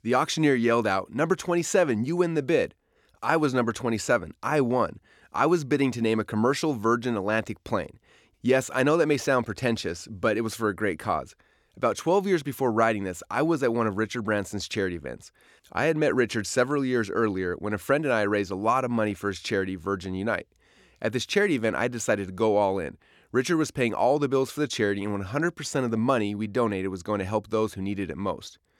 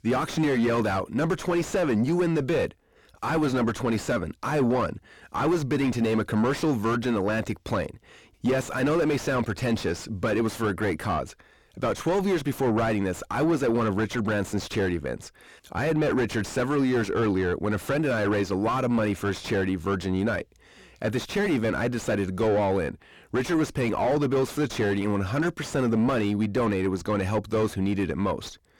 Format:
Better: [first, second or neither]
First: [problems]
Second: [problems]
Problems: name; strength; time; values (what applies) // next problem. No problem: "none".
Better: first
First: none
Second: distortion; heavy; 5 dB below the speech